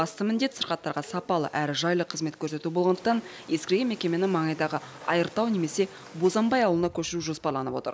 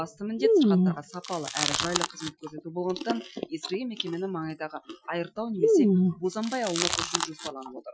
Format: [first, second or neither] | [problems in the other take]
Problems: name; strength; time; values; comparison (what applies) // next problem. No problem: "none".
first | noise reduction (classical method Wiener filter)